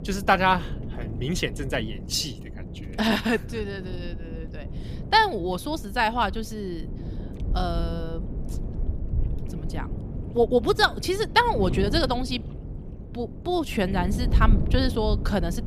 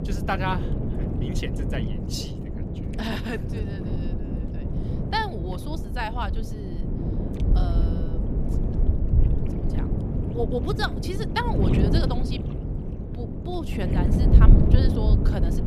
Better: first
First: wind noise on the microphone; occasional gusts; 20 dB below the speech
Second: wind noise on the microphone; heavy; 4 dB below the speech

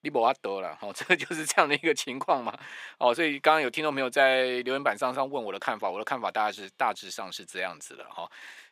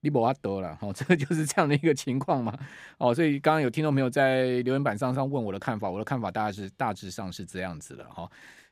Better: second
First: thin; somewhat; fading below 500 Hz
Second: none

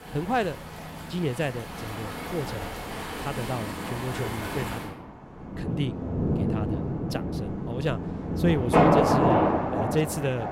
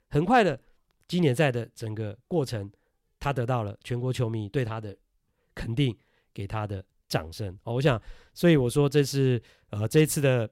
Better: second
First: rain or running water; very loud; throughout; 4 dB above the speech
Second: none

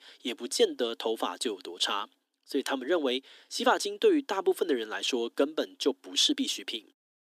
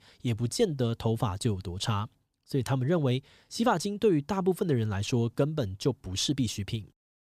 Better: second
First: thin; somewhat; fading below 250 Hz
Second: none

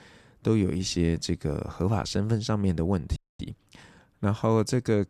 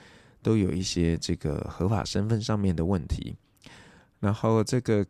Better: second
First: audio freezing; at 3 s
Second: none

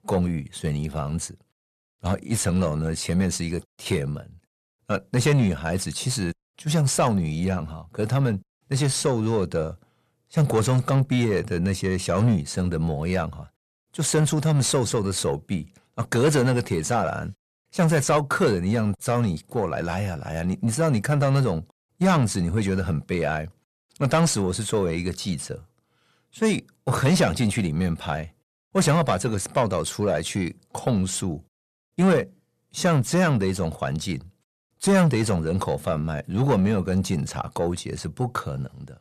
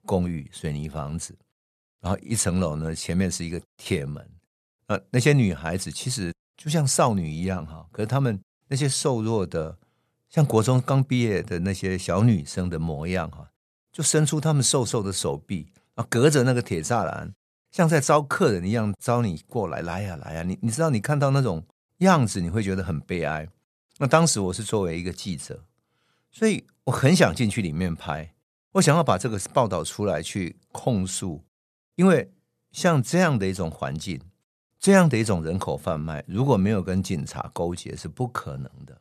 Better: second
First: distortion; slight; 10 dB below the speech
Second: none

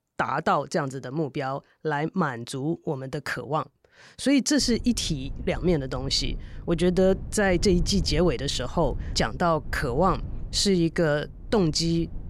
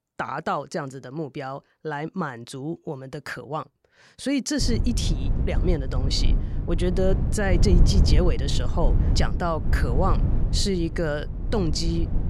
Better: first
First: low rumble; faint; from 4.5 s on; 25 dB below the speech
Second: low rumble; loud; from 4.5 s on; 9 dB below the speech

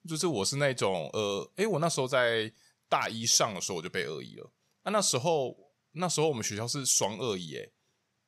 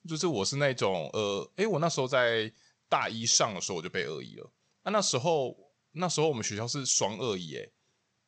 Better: first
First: none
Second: garbled, watery; slightly; nothing above 8 kHz

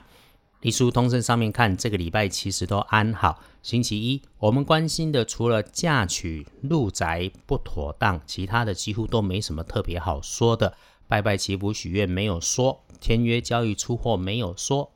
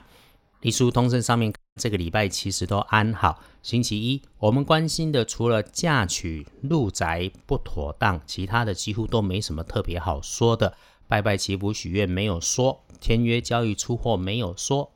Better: first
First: none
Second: audio cutting out; at 1.5 s

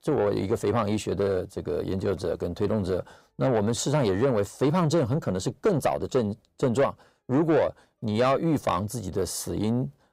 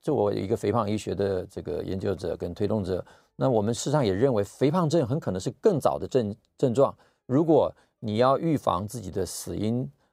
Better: second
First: distortion; slight; 10 dB below the speech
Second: none

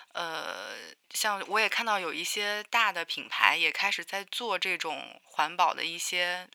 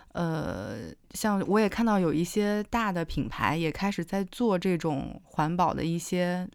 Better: second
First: thin; very; fading below 900 Hz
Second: none

